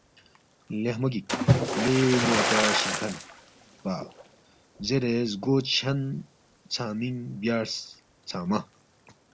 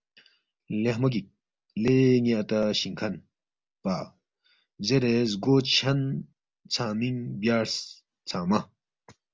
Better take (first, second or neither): second